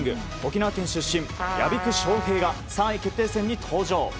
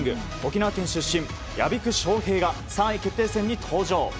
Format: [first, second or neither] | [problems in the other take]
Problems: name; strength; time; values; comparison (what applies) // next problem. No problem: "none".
second | background sound (Trumpet); 6 dB below the speech